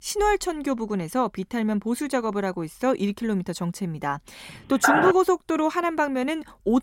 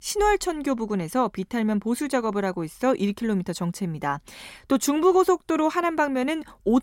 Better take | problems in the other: second | phone ringing; loud; at 5 s; peak 5 dB above the speech

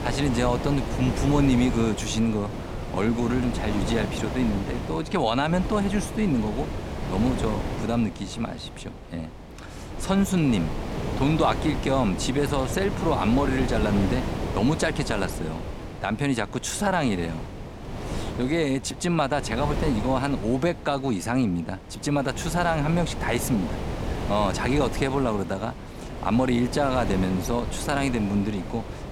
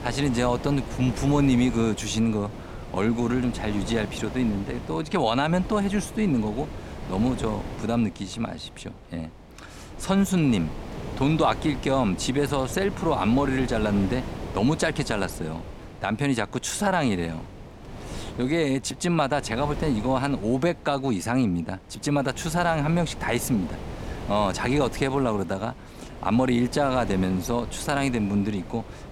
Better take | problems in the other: second | wind noise on the microphone; heavy; 8 dB below the speech; occasional gusts in the second

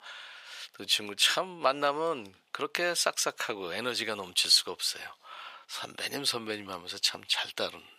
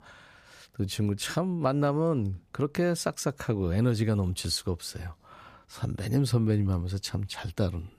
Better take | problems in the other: second | thin; very; fading below 700 Hz

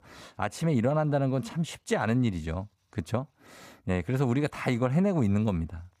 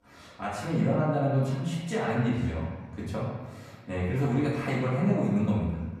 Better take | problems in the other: first | room echo; noticeable; dies away in 1.3 s // off-mic speech; far

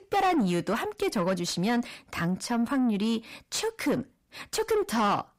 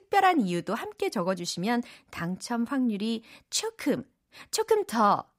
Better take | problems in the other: second | distortion; heavy; 8 dB below the speech

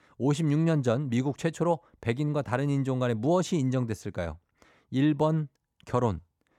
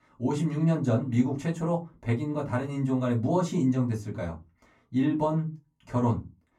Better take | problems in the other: first | off-mic speech; far // room echo; very slight; dies away in 0.2 s

